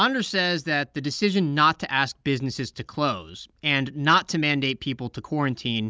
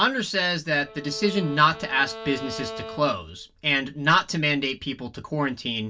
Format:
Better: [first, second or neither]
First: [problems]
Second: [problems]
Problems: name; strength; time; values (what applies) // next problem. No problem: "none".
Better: first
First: none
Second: background sound (Bowed string instrument); 13 dB below the speech // room echo; dies away in 0.1 s